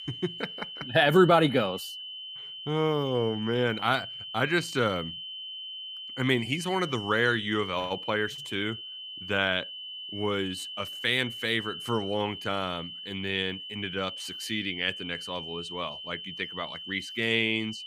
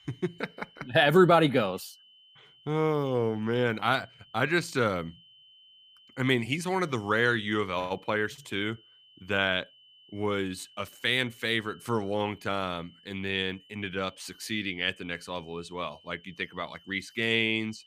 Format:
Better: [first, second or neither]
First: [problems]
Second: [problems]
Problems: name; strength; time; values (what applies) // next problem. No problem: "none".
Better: second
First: high-pitched whine; loud; throughout; 3 kHz, 9 dB below the speech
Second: high-pitched whine; faint; throughout; 3 kHz, 25 dB below the speech